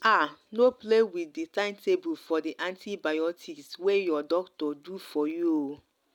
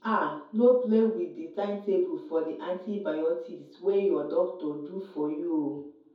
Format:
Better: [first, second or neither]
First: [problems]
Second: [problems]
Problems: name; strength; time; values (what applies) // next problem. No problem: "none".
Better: first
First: none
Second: room echo; dies away in 0.6 s